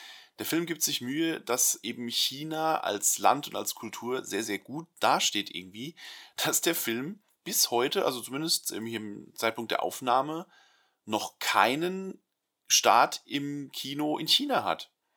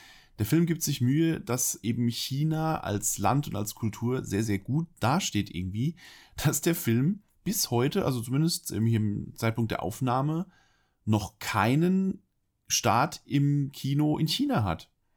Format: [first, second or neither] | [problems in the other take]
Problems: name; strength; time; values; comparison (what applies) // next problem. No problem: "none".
second | thin; very; fading below 500 Hz